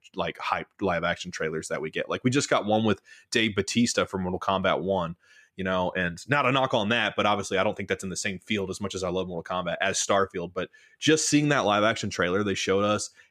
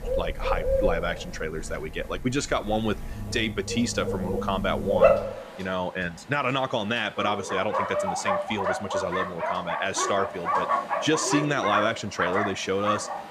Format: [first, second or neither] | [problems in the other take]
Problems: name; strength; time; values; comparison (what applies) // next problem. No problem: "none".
first | animal sounds; very loud; throughout; as loud as the speech